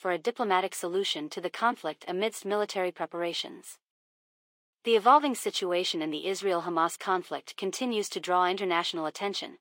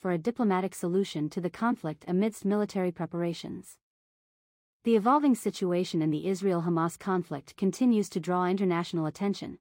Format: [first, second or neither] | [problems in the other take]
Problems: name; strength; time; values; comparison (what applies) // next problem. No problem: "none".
second | thin; very; fading below 550 Hz